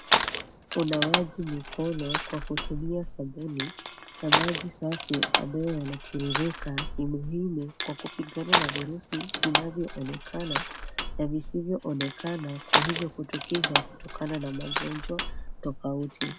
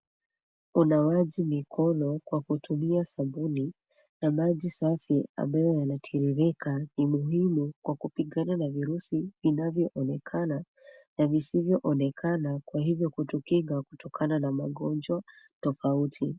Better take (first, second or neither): second